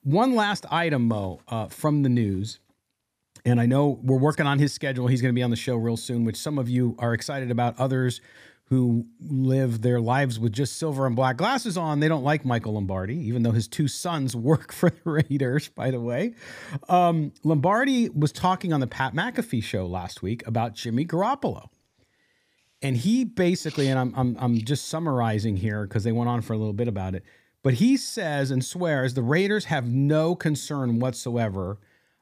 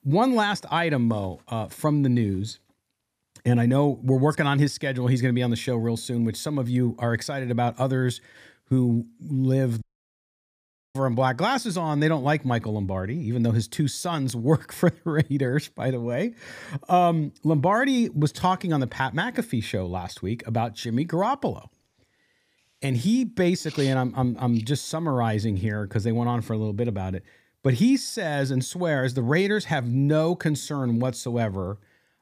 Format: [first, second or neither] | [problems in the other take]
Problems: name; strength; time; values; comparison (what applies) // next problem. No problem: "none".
first | audio cutting out; at 10 s for 1 s